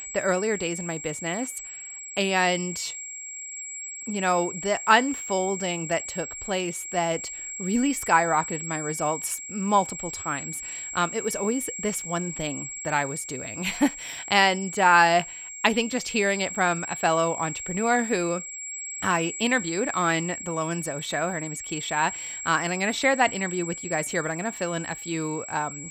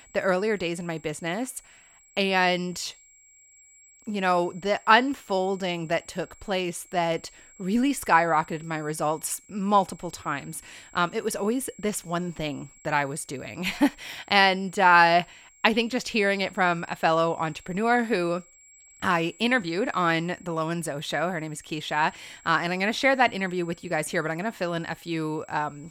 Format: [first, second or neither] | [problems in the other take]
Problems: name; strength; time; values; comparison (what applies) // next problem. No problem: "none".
second | high-pitched whine; loud; throughout; 7.5 kHz, 8 dB below the speech; faint in the second